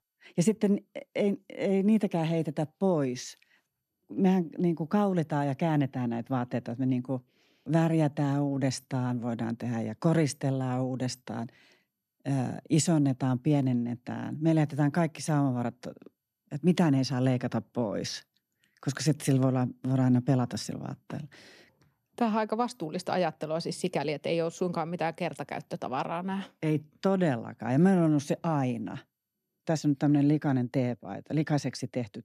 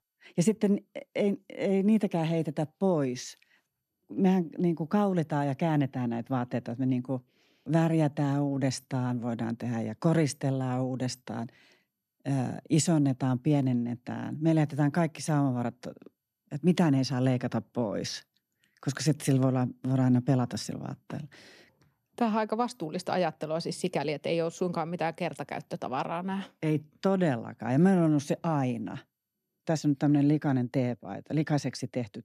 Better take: neither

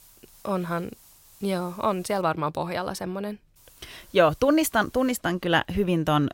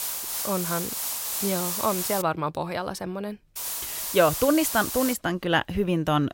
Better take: first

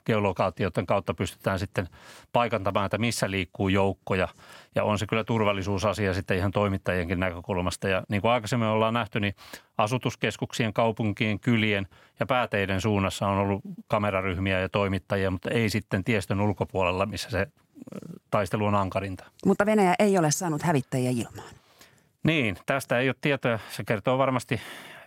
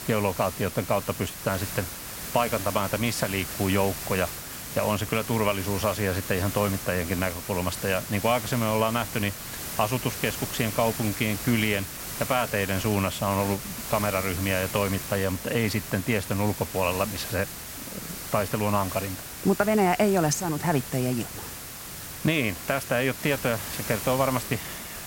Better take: first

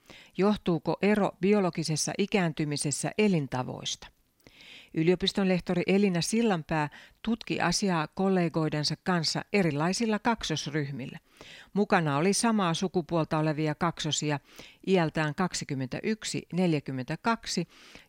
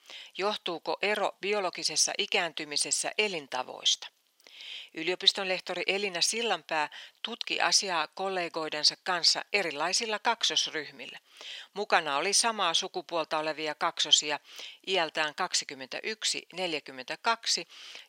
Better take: first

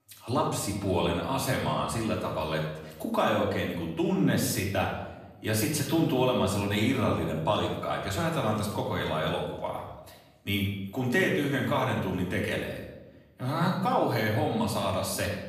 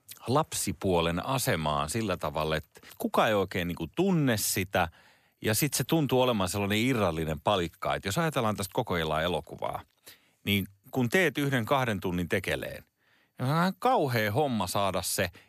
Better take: second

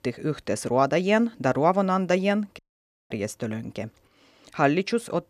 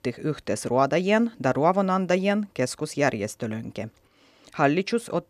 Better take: second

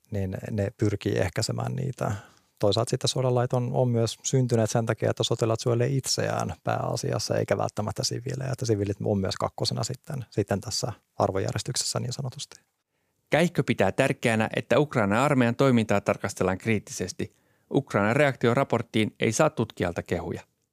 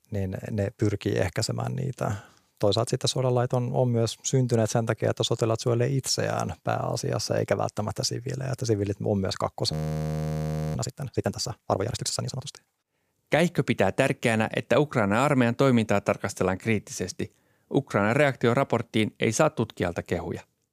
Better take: first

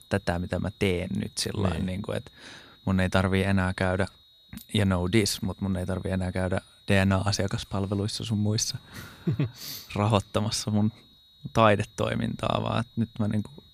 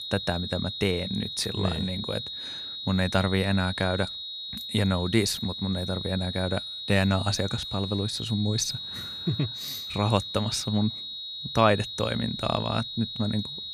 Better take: first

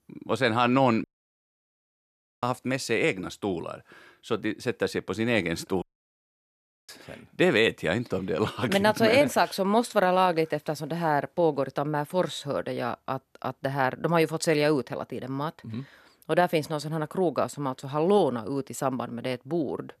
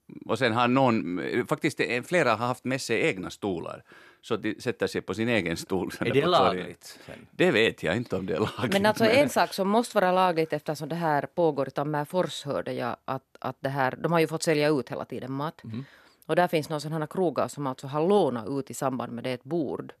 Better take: second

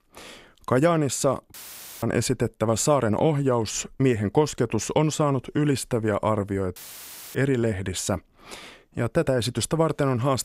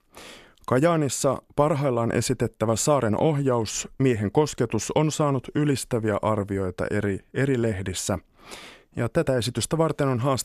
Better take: second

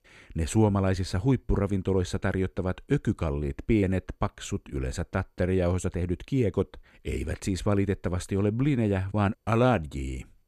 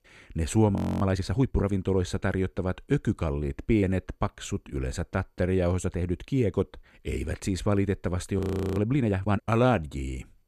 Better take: first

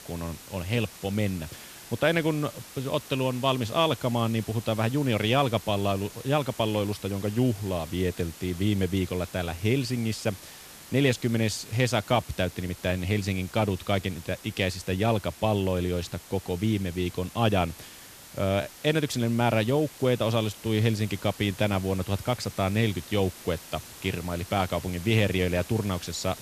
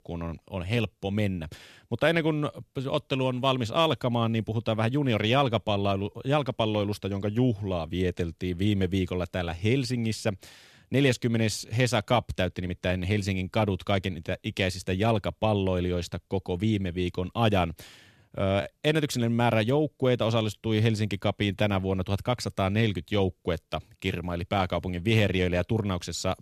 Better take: second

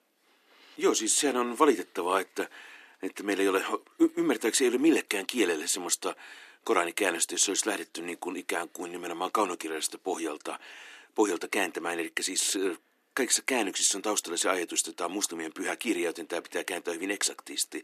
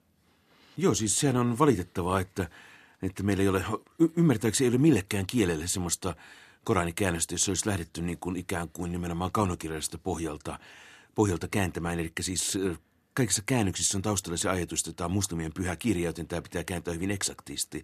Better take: second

